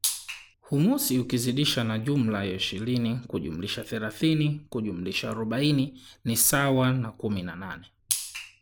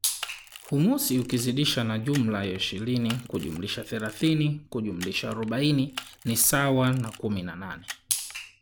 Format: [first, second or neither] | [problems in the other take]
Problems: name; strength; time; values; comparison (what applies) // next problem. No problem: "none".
first | background sound (Camera); 19 dB below the speech